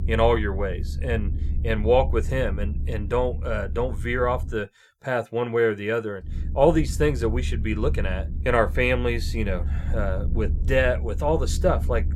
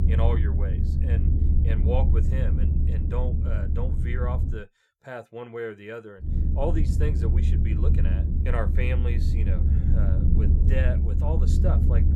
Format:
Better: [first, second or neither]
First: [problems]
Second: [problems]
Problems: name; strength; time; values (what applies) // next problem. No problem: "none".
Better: first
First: low rumble; faint; until 4.5 s and from 6.5 s on; 20 dB below the speech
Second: low rumble; loud; until 4.5 s and from 6.5 s on; 3 dB below the speech